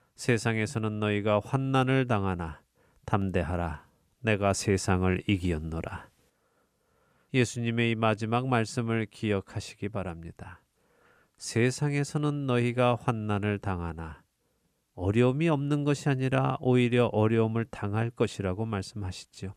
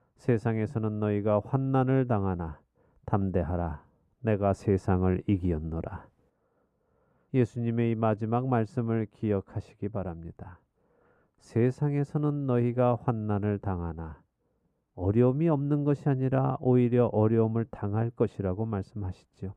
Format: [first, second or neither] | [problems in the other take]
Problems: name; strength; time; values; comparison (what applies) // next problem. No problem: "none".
first | muffled; very; fading above 2 kHz